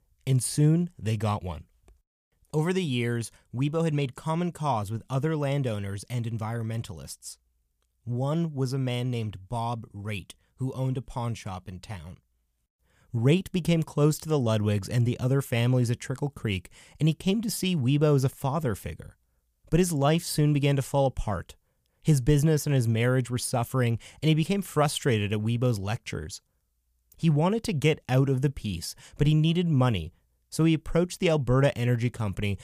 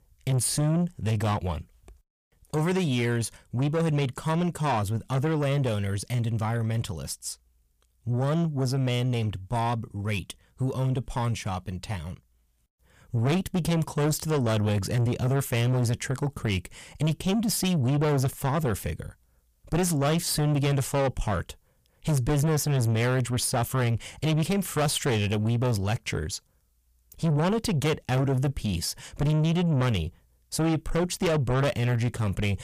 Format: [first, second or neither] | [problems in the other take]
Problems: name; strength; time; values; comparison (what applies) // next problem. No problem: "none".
first | distortion; heavy; 7 dB below the speech